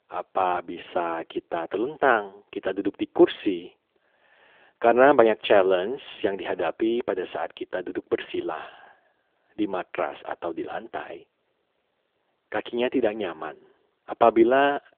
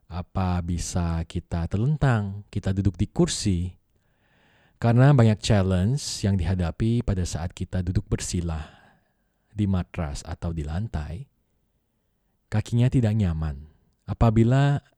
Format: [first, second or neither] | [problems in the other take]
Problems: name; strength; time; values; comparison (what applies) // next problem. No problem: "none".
second | phone-call audio; nothing above 3.5 kHz